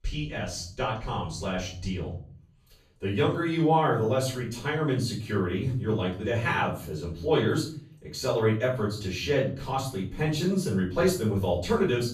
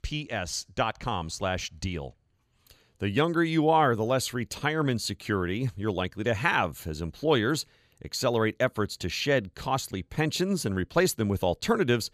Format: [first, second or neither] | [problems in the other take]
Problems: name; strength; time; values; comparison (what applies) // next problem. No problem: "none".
second | off-mic speech; far // room echo; noticeable; dies away in 0.5 s